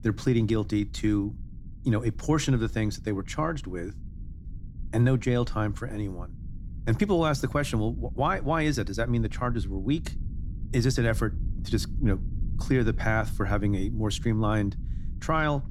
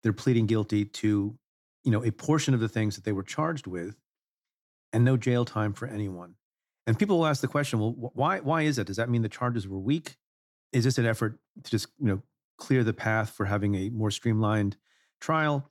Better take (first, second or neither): second